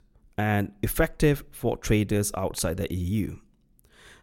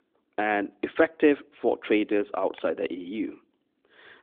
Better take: first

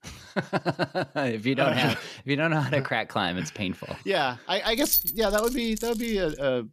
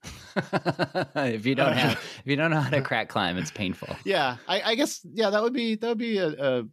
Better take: second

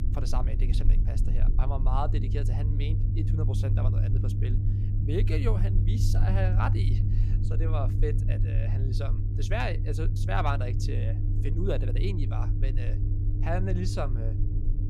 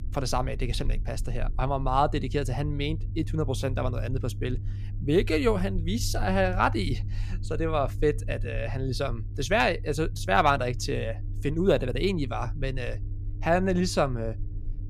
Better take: second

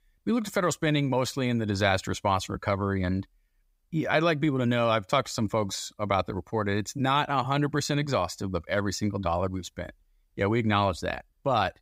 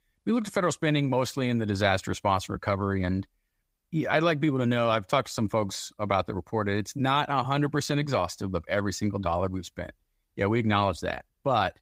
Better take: first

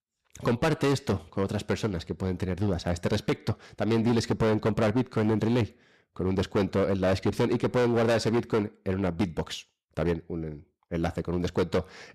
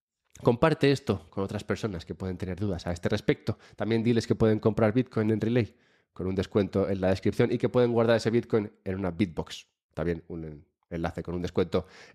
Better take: second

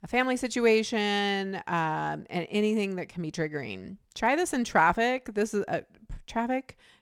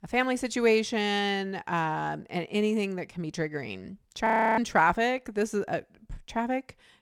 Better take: first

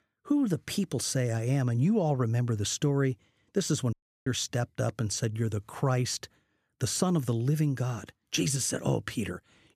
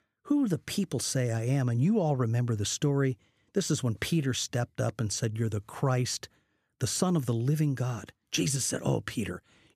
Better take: second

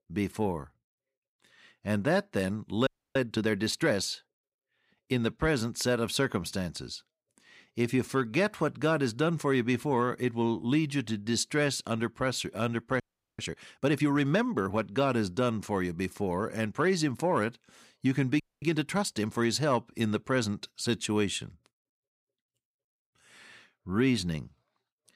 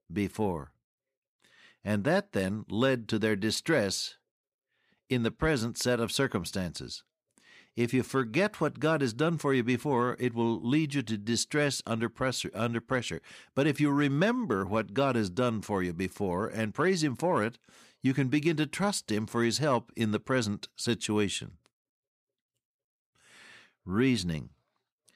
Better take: second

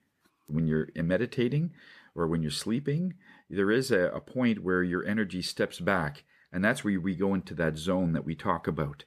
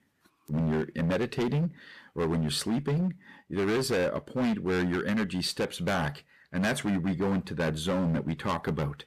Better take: first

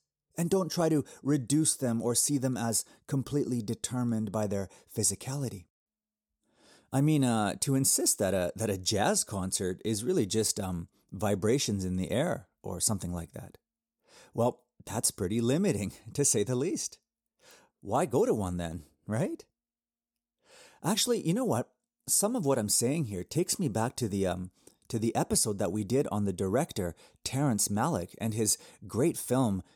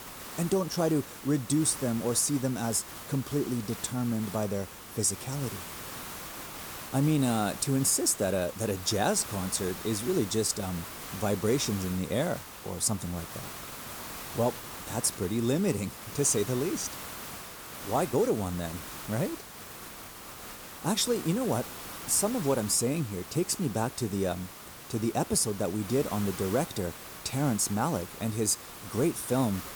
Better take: first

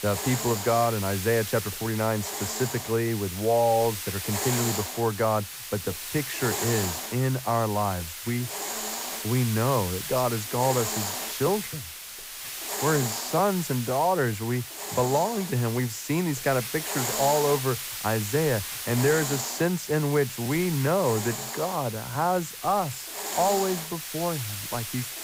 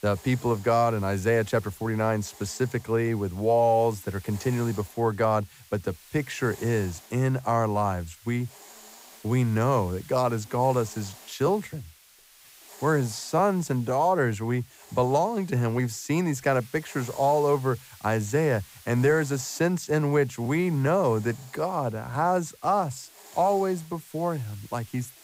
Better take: second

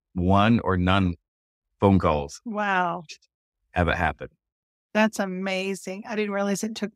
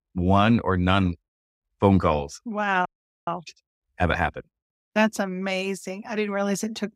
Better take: first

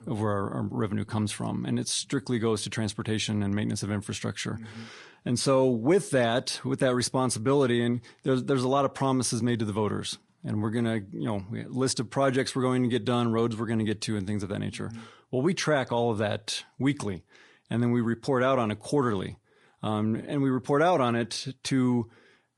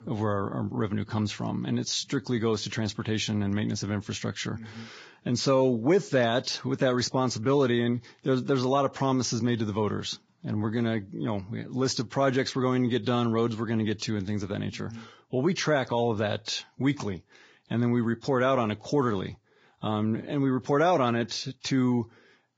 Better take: first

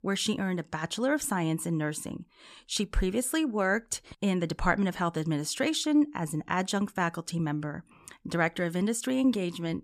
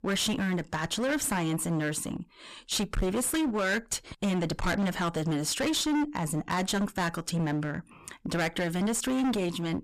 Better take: first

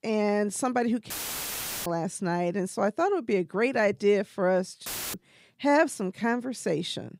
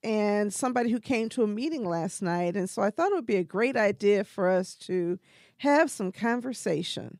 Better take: second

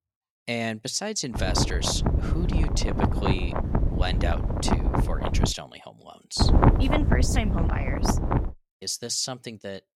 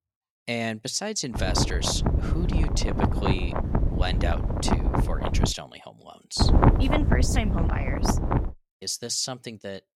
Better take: neither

